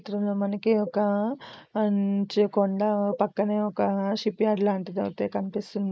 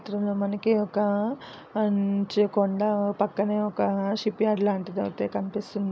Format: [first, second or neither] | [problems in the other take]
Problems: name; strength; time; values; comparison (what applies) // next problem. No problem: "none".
second | noise reduction (neural mask model Resemble Enhance denoiser)